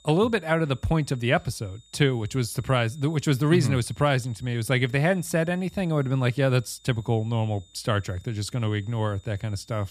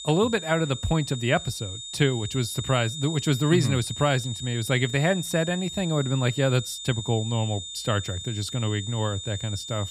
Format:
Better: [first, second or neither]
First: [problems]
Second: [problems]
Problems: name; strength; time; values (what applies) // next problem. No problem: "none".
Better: first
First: high-pitched whine; faint; throughout; 3.5 kHz, 30 dB below the speech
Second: high-pitched whine; loud; throughout; 3.5 kHz, 8 dB below the speech